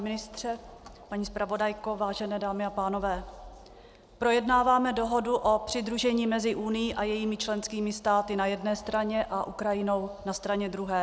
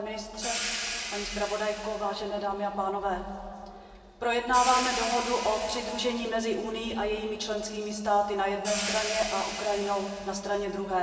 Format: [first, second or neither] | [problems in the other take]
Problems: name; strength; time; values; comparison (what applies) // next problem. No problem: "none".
first | background sound (Hi-hat); 9 dB below the speech // room echo; dies away in 2.1 s